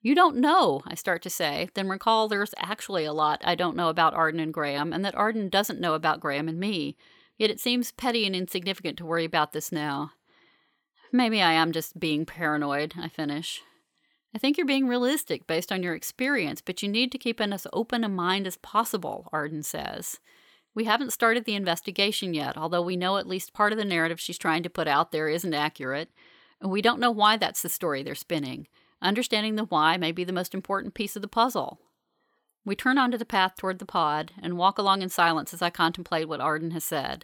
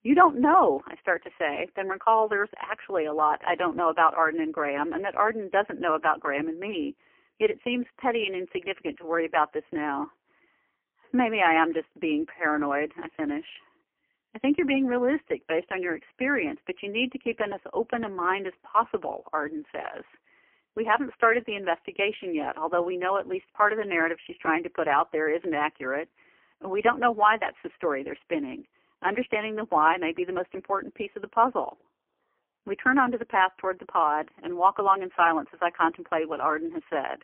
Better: first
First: none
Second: phone-call audio; poor line; nothing above 3 kHz

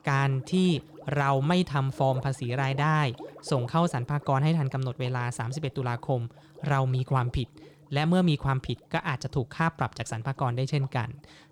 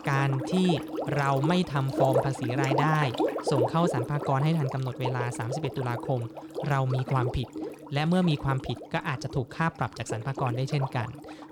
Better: first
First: household noises; faint; throughout; 20 dB below the speech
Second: household noises; loud; throughout; 5 dB below the speech

